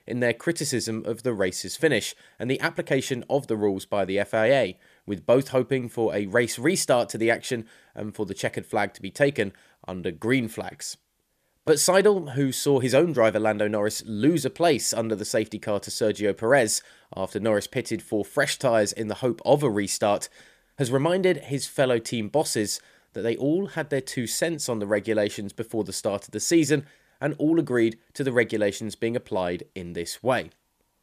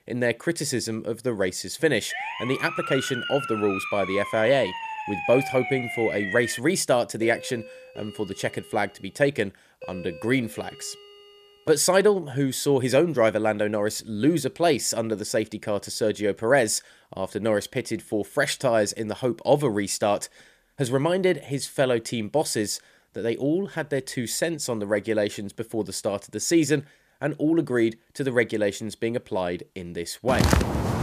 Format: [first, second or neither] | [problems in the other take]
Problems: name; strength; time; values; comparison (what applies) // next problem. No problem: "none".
first | siren; noticeable; from 2 to 6.5 s; peak 4 dB below the speech // doorbell; faint; from 7 to 12 s; peak 15 dB below the speech // footsteps; loud; at 30 s; peak 4 dB above the speech